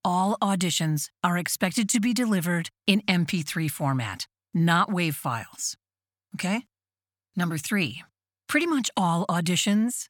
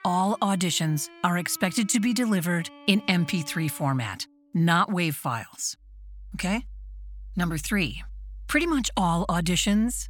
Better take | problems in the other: first | background music; noticeable; throughout; 20 dB below the speech

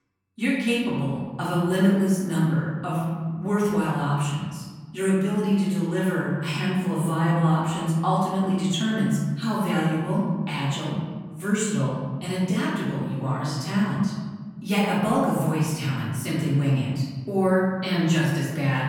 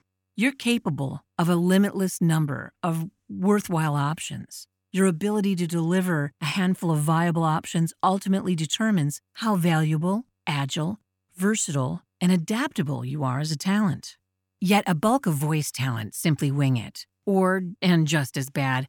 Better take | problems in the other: second | room echo; noticeable; dies away in 1.3 s // off-mic speech; far

